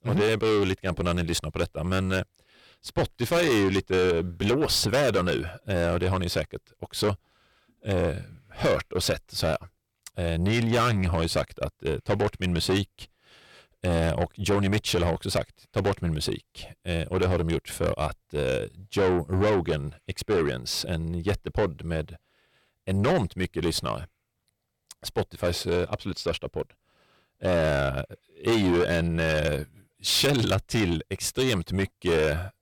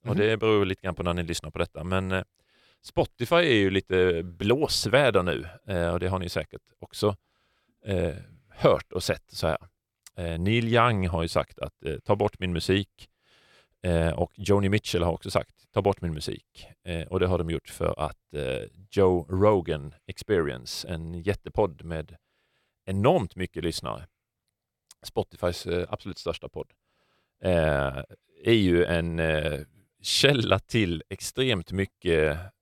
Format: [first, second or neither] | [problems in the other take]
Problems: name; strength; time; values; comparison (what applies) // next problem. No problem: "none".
second | distortion; heavy; 6 dB below the speech